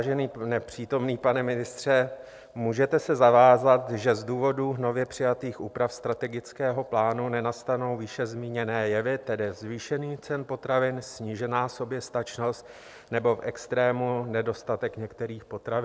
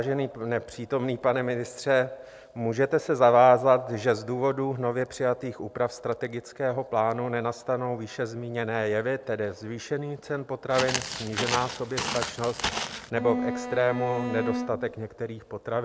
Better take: first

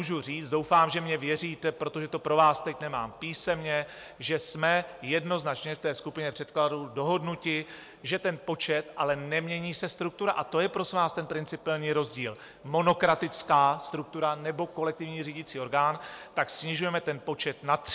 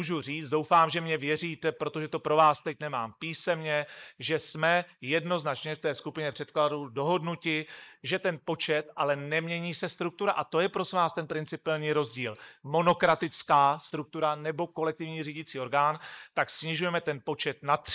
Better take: first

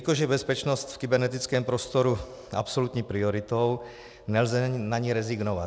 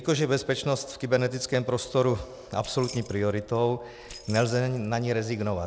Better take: first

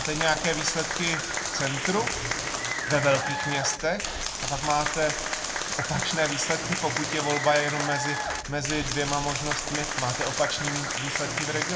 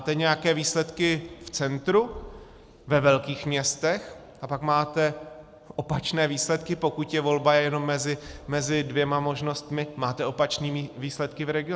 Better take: second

